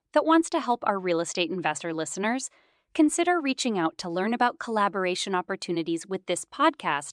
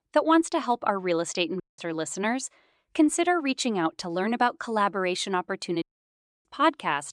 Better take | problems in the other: first | audio cutting out; at 1.5 s and at 6 s for 0.5 s

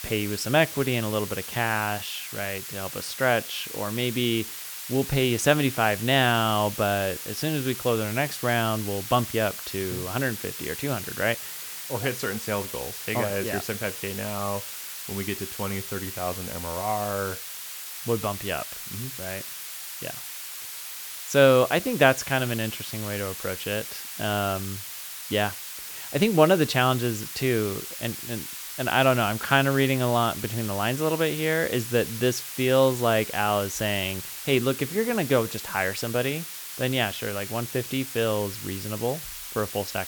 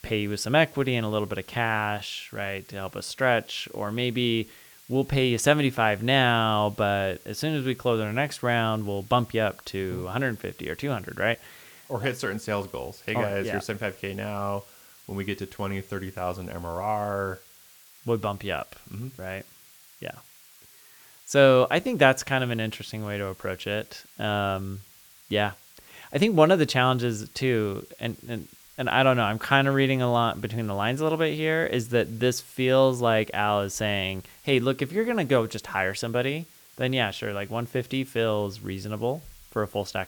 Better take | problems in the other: second | hiss; loud; throughout; 8 dB below the speech; faint in the second

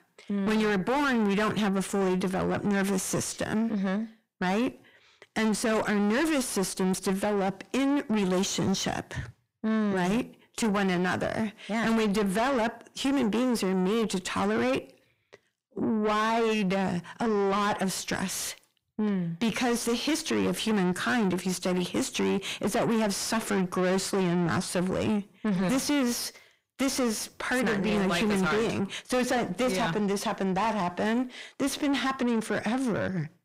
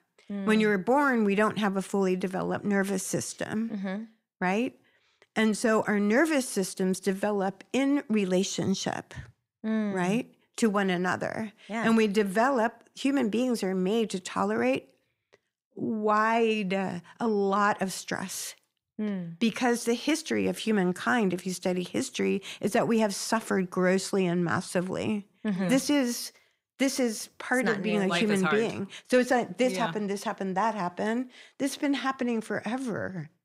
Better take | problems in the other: second | distortion; heavy; 7 dB below the speech

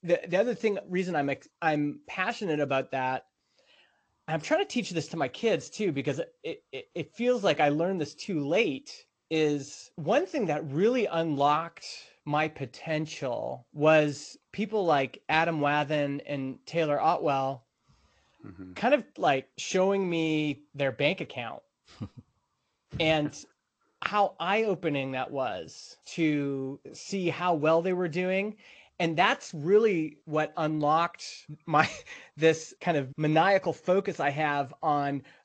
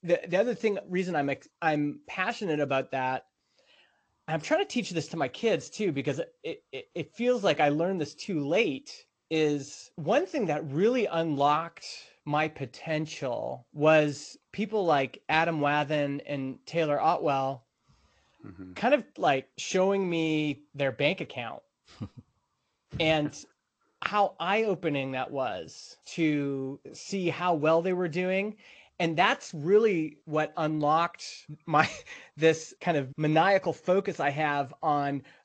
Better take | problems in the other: neither | garbled, watery; slightly; nothing above 7.5 kHz; the same in both

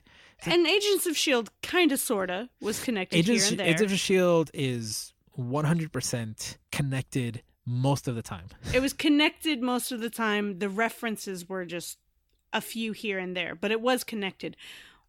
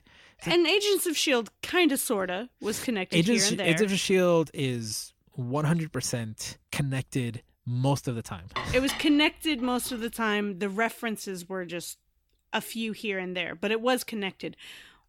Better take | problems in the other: first | clattering dishes; noticeable; from 8.5 to 10 s; peak 7 dB below the speech

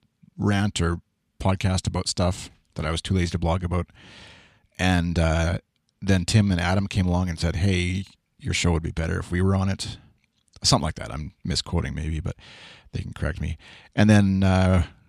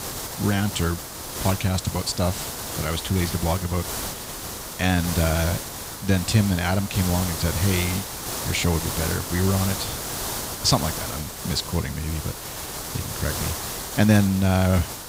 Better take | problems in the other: first | hiss; loud; throughout; 5 dB below the speech

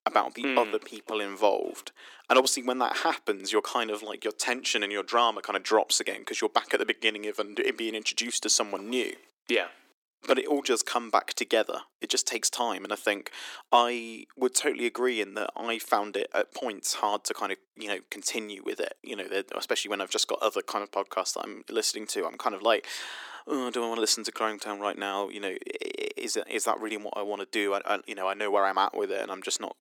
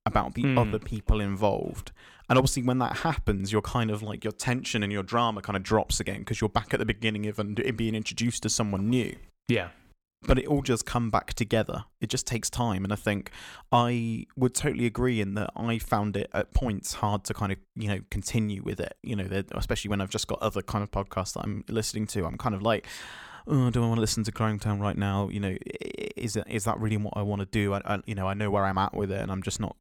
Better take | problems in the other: second | thin; very; fading below 300 Hz

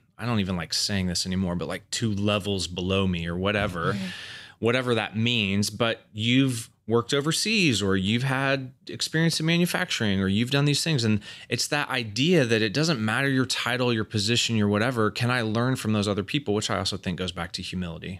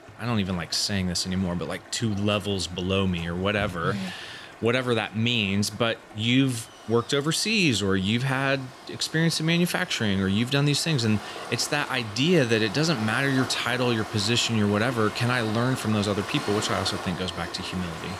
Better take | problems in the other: first | rain or running water; noticeable; throughout; 15 dB below the speech

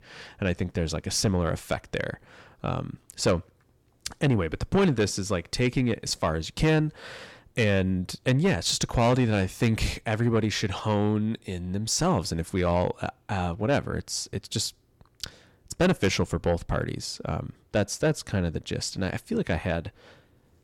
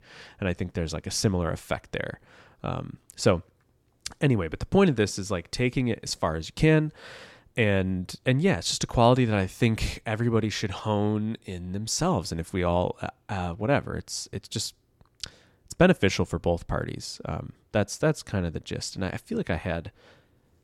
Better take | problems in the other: second | distortion; slight; 10 dB below the speech

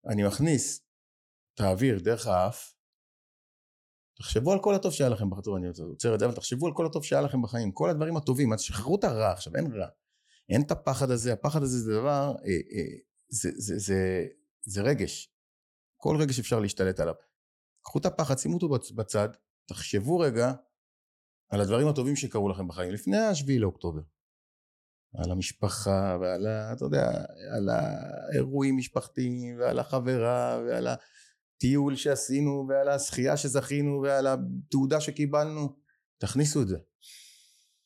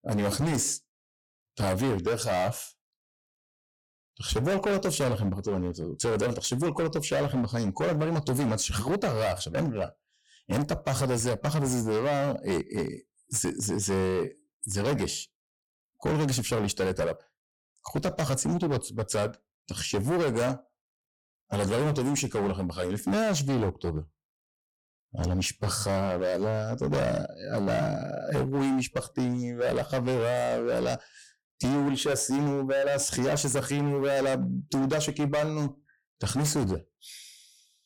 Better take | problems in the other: first | distortion; heavy; 18% of the sound clipped

